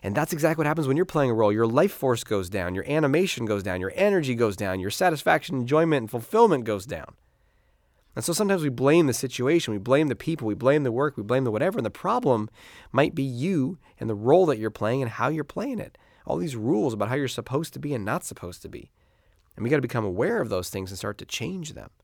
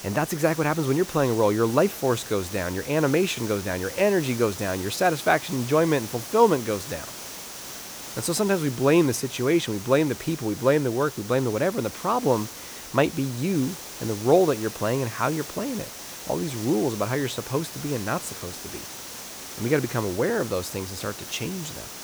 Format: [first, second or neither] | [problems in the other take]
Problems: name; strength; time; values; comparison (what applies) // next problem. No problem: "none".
first | hiss; noticeable; throughout; 10 dB below the speech